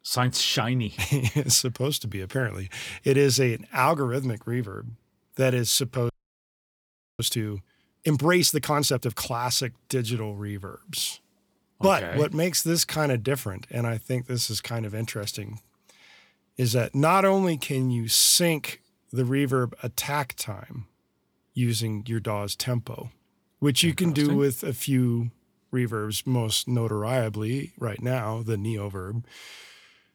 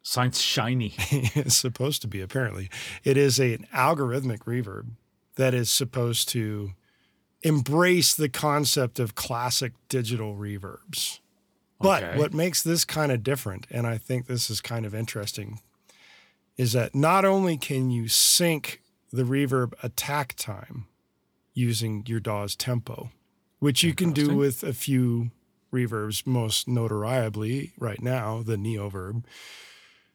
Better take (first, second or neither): second